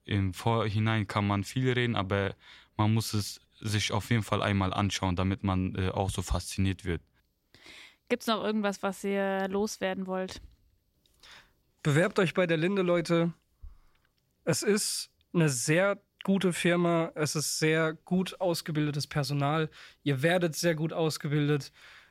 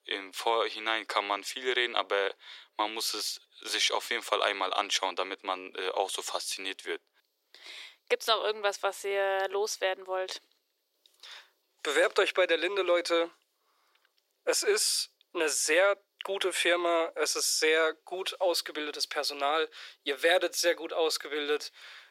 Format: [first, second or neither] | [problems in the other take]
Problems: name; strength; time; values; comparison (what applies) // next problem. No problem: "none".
first | thin; very; fading below 400 Hz